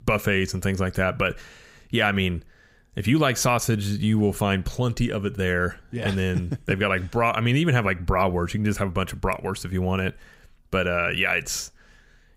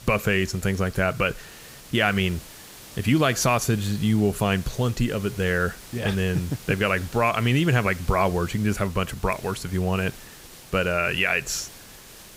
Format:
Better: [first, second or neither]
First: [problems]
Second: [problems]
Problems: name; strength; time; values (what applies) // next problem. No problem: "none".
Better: first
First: none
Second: hiss; noticeable; throughout; 20 dB below the speech